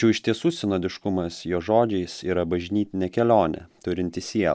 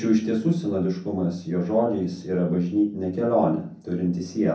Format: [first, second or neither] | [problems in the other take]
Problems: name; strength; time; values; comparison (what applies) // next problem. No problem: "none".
first | room echo; dies away in 0.6 s